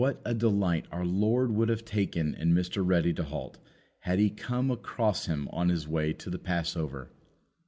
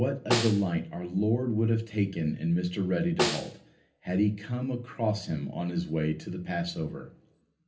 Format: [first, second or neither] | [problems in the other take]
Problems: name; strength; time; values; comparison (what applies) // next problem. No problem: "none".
first | background sound (Snare drum); 4 dB below the speech // room echo; dies away in 0.3 s